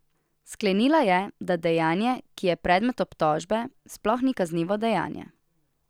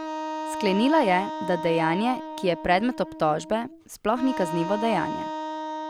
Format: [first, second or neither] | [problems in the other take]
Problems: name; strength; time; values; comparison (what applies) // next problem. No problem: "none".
first | background sound (Wind instrument, woodwind instrument); 7 dB below the speech